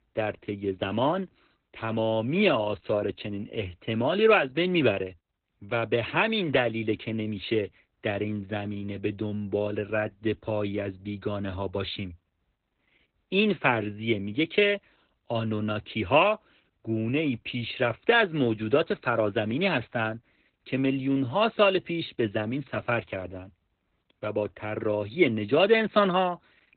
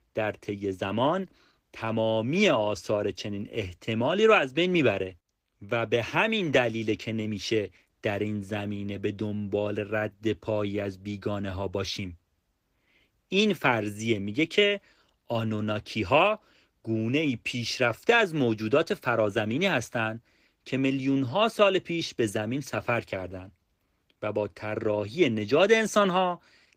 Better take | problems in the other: second | garbled, watery; badly; nothing above 4 kHz; slightly in the second

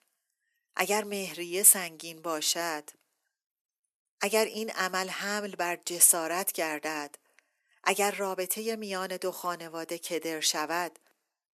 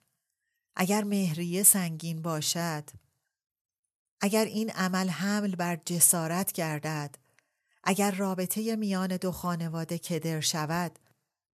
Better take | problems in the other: second | thin; somewhat; fading below 250 Hz

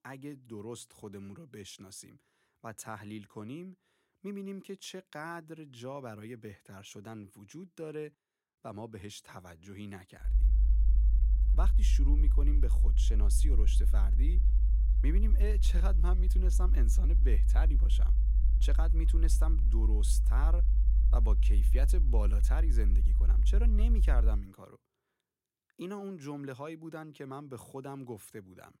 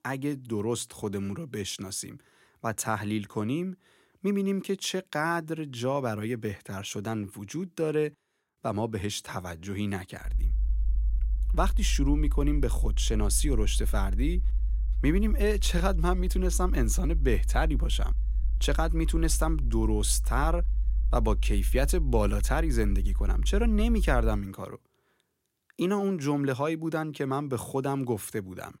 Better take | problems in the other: second | low rumble; loud; from 10 to 24 s; 6 dB below the speech; faint in the second

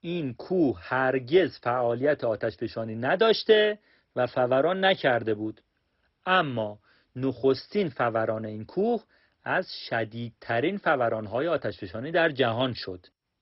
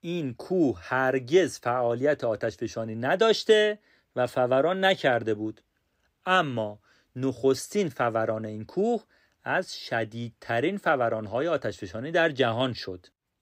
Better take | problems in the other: second | garbled, watery; badly; nothing above 5.5 kHz

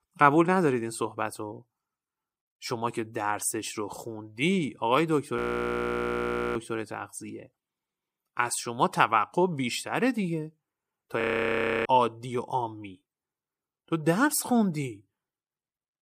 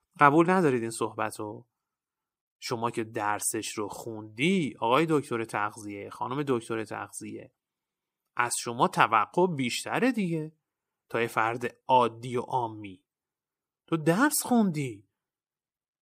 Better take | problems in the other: second | audio freezing; at 5.5 s for 1 s and at 11 s for 0.5 s

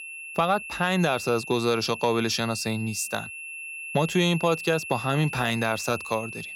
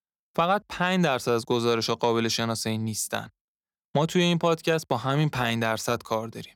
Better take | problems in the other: second | high-pitched whine; loud; throughout; 2.5 kHz, 9 dB below the speech

